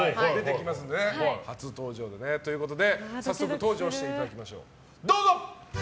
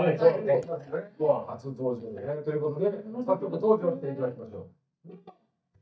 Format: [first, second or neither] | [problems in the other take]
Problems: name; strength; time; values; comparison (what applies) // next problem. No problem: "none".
first | noise reduction (neural mask model DeepFilterNet 3)